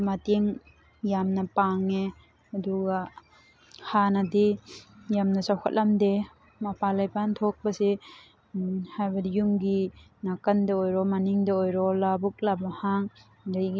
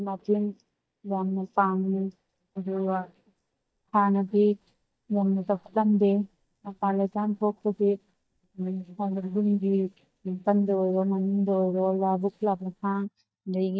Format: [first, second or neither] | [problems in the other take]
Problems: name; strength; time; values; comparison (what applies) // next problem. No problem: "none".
first | noise reduction (neural mask model DeepFilterNet 3)